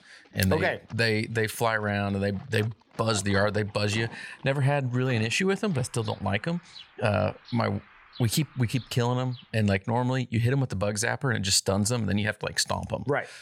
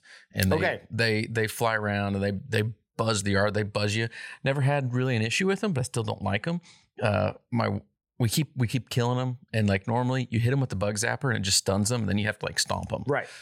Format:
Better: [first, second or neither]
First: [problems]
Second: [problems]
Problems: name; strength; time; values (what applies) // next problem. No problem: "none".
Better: second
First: animal sounds; faint; until 9.5 s; 20 dB below the speech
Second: none